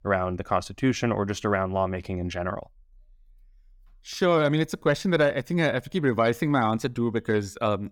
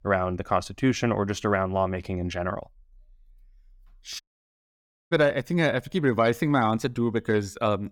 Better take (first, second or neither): first